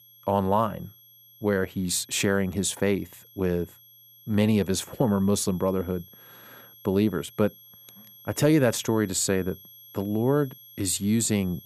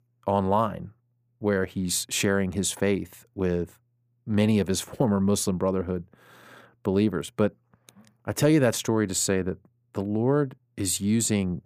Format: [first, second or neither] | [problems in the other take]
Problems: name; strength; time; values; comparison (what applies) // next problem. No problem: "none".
second | high-pitched whine; faint; throughout; 11.5 kHz, 25 dB below the speech